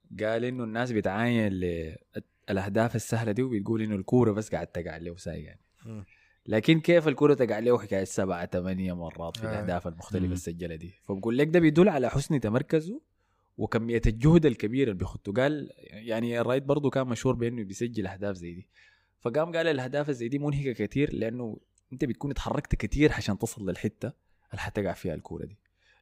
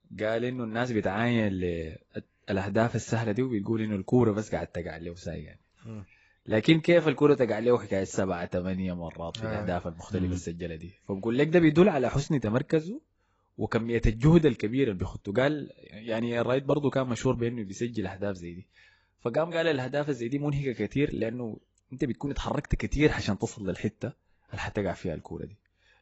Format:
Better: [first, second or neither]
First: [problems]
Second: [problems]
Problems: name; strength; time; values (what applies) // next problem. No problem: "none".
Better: first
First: none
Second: garbled, watery; badly; nothing above 7.5 kHz